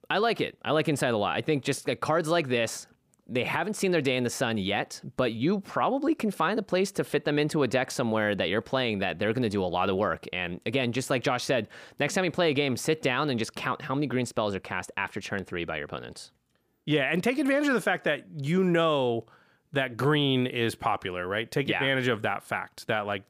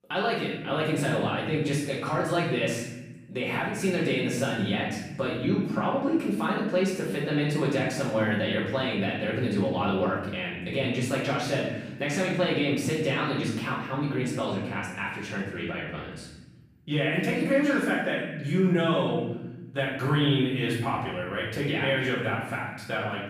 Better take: first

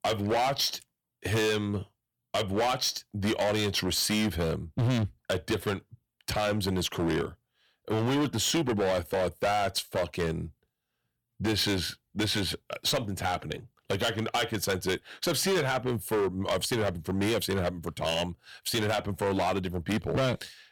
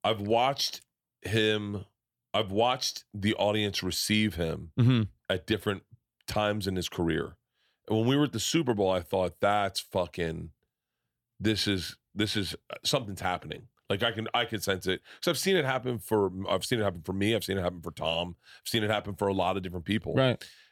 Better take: second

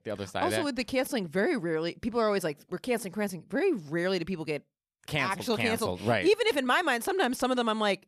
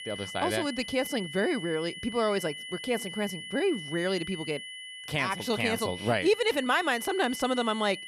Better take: first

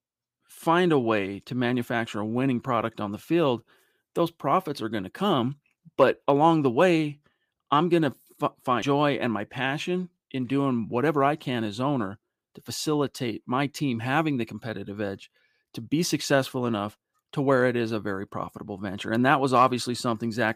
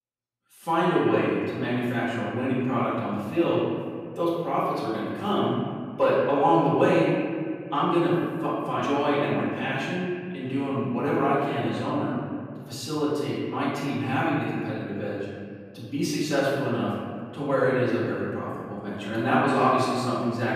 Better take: first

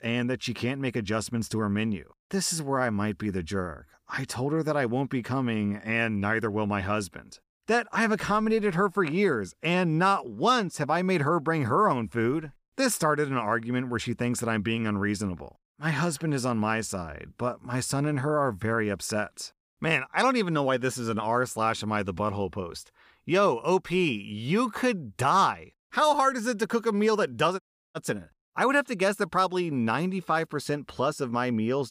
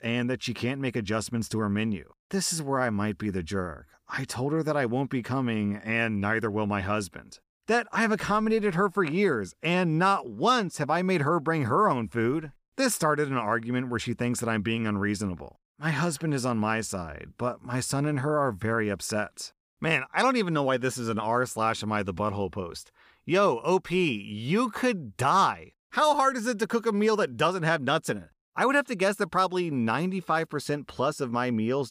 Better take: second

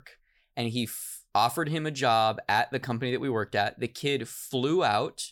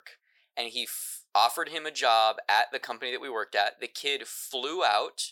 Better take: first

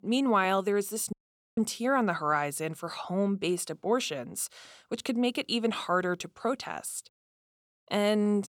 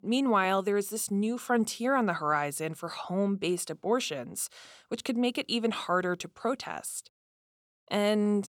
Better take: second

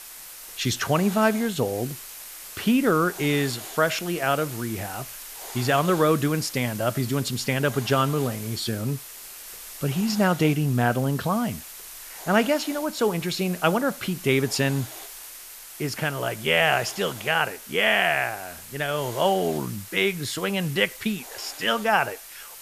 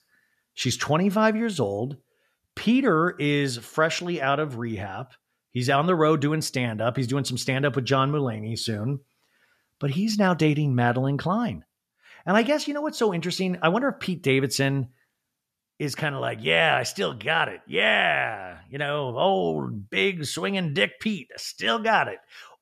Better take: second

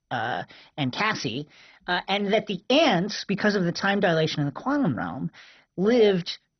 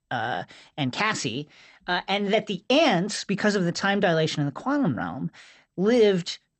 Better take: second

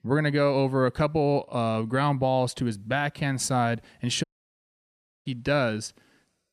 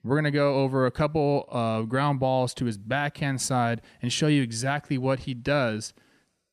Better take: second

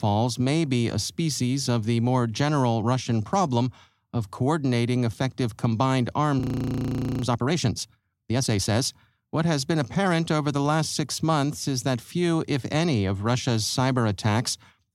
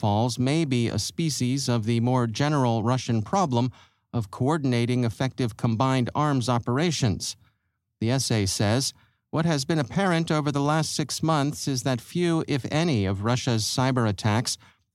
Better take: second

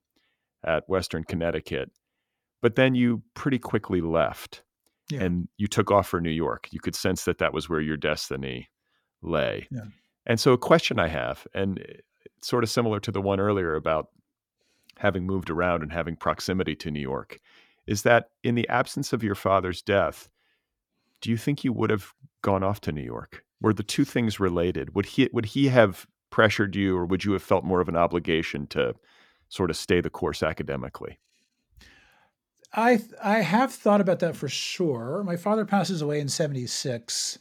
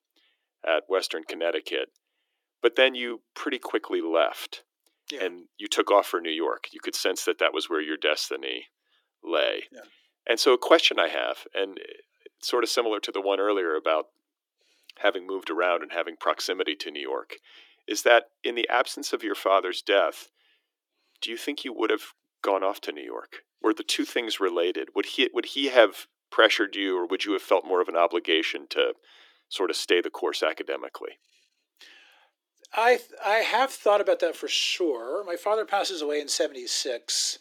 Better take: first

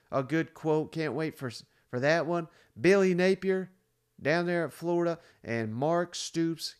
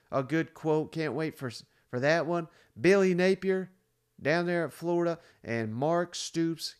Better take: neither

